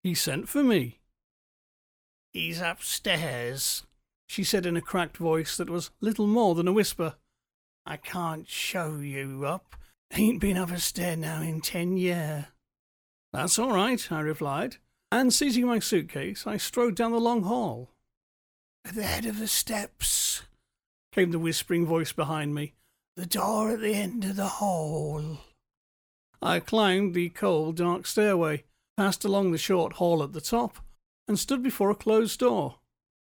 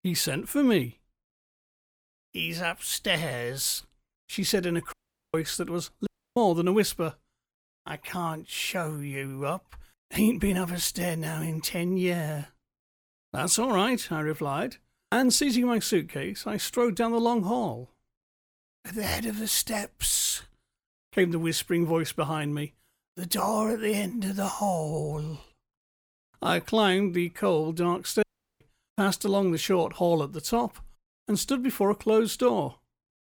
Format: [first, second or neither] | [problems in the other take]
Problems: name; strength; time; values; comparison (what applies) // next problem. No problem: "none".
first | audio cutting out; at 5 s, at 6 s and at 28 s